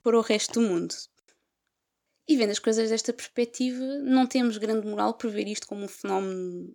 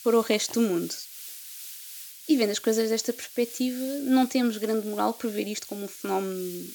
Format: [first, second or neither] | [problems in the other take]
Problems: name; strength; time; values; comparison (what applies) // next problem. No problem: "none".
first | hiss; noticeable; throughout; 15 dB below the speech